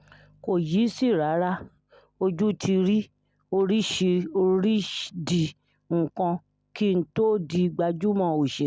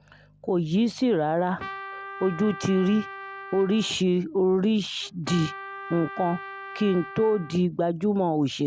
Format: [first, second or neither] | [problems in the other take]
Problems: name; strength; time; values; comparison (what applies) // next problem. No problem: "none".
first | background sound (Trumpet); 14 dB below the speech